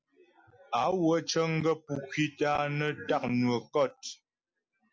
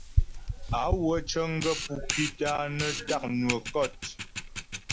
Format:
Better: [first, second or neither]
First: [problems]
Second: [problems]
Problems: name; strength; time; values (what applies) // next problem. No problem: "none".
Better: first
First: none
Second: background sound (Camera); 2 dB below the speech